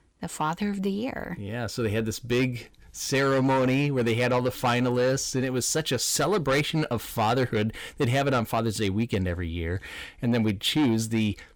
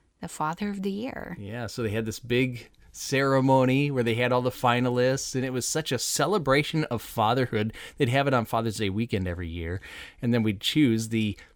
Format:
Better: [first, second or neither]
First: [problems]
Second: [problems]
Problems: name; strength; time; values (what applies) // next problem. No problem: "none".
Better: second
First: distortion; slight; 10 dB below the speech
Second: none